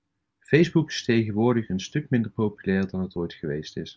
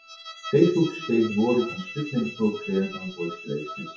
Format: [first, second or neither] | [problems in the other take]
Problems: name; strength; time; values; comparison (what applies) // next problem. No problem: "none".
first | noise reduction (classical method WPE with log-MMSE)